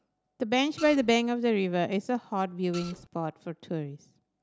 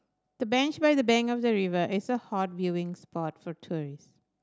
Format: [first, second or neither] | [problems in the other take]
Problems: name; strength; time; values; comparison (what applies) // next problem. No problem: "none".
second | background sound (Printer); 15 dB below the speech